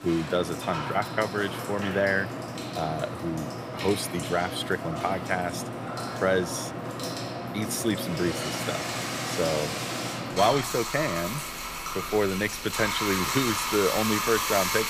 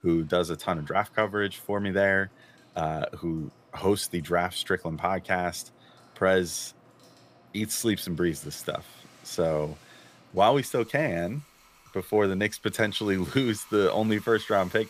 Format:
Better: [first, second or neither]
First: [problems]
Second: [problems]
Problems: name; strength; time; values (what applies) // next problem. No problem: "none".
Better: second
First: household noises; loud; throughout; 3 dB below the speech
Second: household noises; faint; throughout; 25 dB below the speech